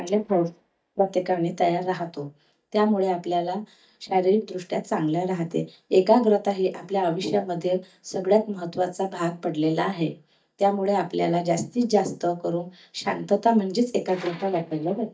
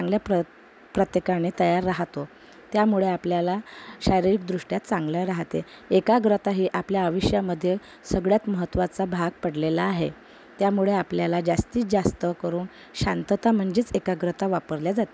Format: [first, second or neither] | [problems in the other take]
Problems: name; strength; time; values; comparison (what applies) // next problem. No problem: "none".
second | noise reduction (neural mask model DeepFilterNet 3)